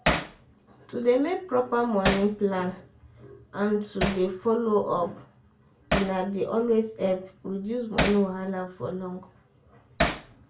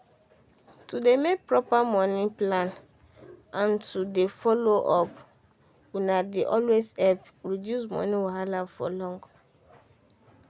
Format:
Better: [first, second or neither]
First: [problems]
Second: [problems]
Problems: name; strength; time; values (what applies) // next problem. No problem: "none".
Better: second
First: background sound (Hammer); 6 dB below the speech // room echo; dies away in 0.3 s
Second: none